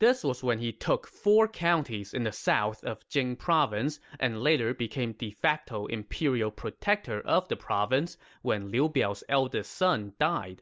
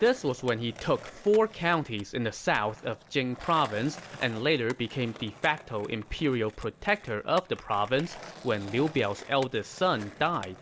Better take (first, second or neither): first